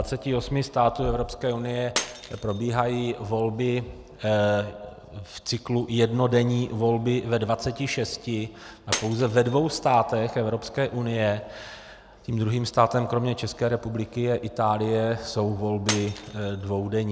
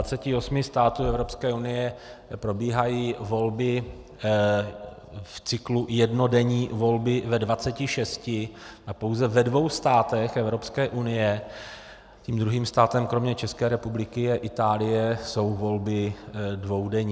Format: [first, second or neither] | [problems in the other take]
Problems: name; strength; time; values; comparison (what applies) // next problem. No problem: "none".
second | background sound (Shatter); 16 dB below the speech